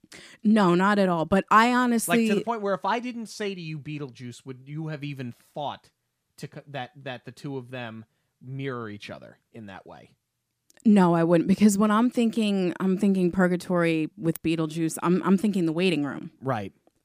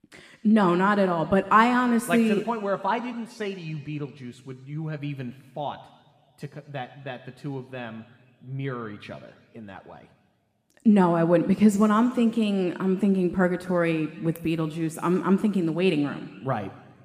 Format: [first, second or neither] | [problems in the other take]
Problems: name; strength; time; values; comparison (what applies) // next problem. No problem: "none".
first | room echo; slight; dies away in 1.5 s